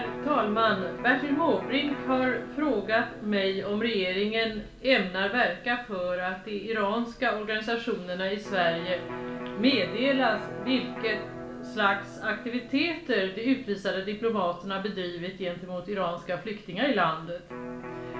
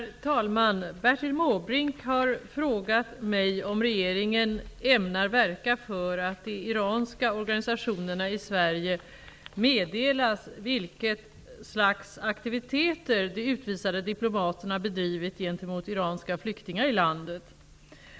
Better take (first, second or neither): second